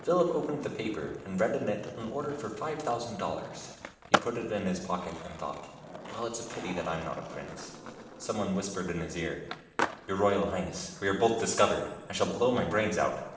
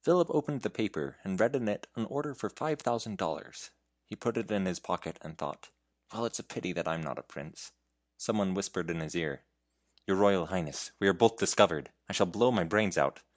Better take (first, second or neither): second